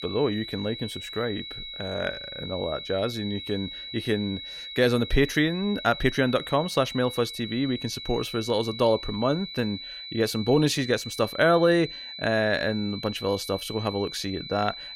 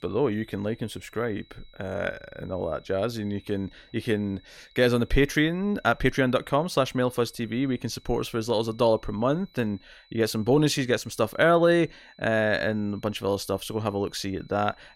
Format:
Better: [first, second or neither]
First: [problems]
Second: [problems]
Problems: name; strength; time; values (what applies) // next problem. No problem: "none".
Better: second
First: high-pitched whine; loud; throughout; 4 kHz, 10 dB below the speech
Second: high-pitched whine; faint; throughout; 4 kHz, 30 dB below the speech